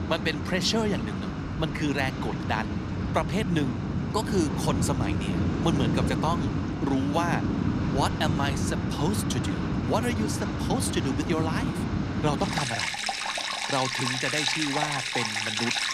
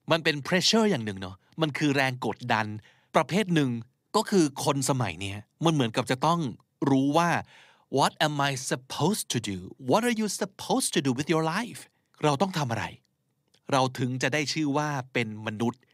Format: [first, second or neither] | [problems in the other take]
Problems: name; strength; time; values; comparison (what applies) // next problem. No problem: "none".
second | rain or running water; very loud; throughout; 1 dB above the speech